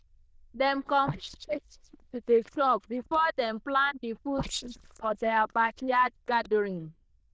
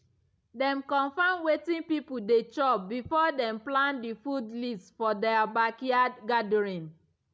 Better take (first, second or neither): second